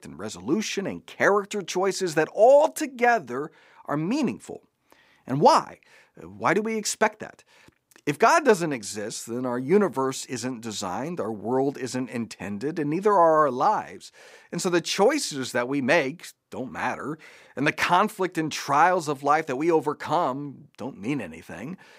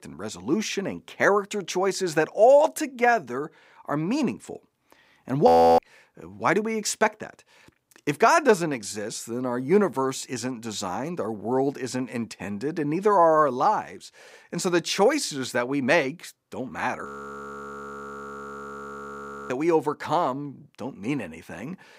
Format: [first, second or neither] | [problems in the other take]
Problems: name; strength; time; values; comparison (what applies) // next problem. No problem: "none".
first | audio freezing; at 5.5 s and at 17 s for 2.5 s